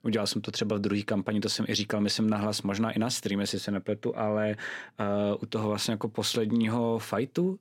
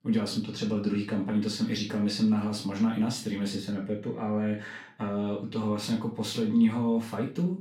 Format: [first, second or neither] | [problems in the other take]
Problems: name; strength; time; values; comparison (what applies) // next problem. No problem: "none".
first | off-mic speech; far // room echo; slight; dies away in 0.3 s